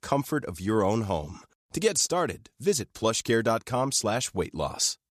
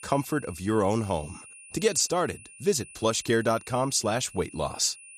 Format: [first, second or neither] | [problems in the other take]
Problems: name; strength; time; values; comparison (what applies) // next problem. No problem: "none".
first | high-pitched whine; noticeable; throughout; 9.5 kHz, 20 dB below the speech